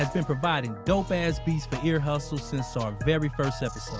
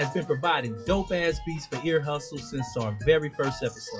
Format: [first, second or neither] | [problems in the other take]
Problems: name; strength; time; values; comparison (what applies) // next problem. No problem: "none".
first | noise reduction (classical method WPE with log-MMSE)